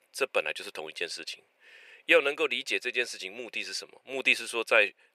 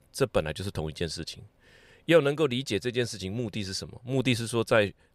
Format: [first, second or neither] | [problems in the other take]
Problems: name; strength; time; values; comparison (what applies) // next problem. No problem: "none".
second | thin; very; fading below 400 Hz